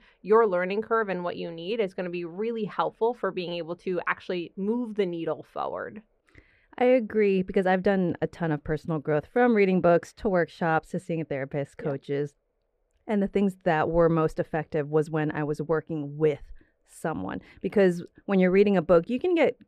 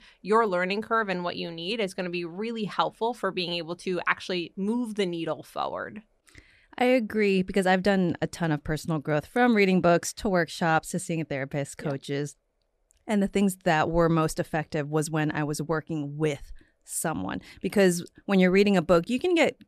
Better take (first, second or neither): second